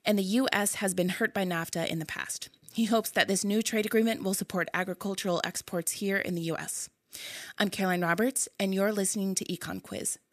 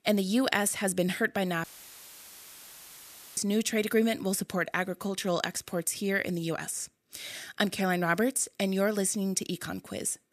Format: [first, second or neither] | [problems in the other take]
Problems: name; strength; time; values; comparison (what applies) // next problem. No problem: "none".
first | audio cutting out; filled with static; at 1.5 s for 1.5 s